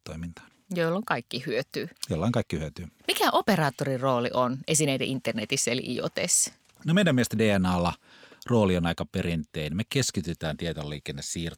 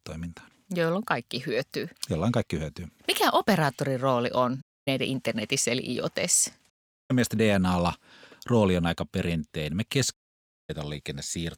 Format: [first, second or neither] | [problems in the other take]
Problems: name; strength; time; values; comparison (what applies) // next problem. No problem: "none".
first | audio cutting out; at 4.5 s, at 6.5 s and at 10 s for 0.5 s